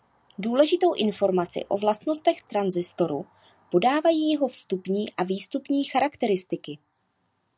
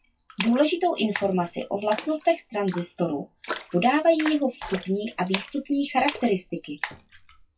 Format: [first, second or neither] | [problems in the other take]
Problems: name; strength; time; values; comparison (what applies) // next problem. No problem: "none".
first | noise reduction (classical method WPE with log-MMSE)